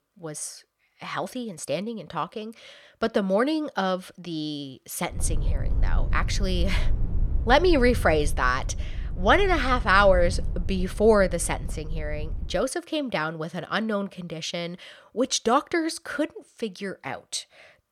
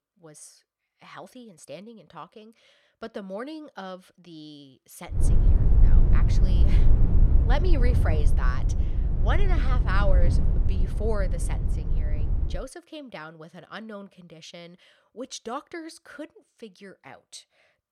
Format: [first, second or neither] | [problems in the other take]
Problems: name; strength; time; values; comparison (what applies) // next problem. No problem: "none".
first | low rumble; loud; from 5 to 13 s; 4 dB below the speech; faint in the first